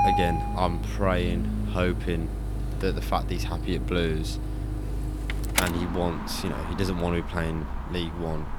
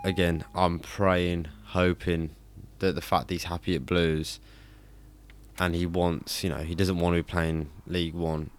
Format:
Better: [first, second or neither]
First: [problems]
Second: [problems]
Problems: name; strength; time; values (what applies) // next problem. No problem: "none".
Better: second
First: traffic noise; loud; throughout; 2 dB below the speech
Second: traffic noise; faint; throughout; 25 dB below the speech